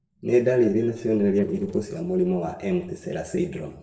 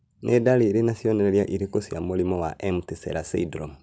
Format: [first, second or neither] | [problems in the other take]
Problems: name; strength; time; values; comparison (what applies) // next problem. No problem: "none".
second | noise reduction (neural separator model SepFormer DNS4)